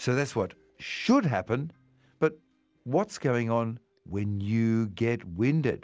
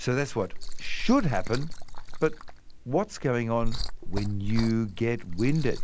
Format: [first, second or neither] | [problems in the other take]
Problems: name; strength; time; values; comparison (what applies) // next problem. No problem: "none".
first | background sound (Liquid); 1 dB below the speech